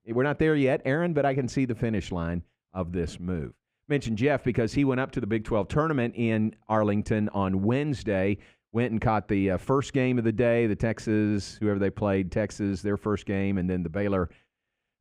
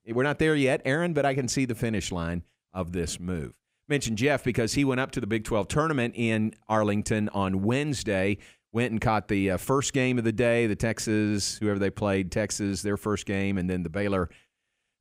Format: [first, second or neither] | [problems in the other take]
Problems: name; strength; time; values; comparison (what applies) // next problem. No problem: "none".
second | muffled; slightly; fading above 1.5 kHz